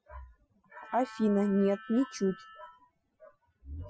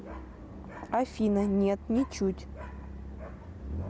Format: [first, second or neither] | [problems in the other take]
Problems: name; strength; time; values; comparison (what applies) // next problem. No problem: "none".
second | noise reduction (classical method Wiener filter)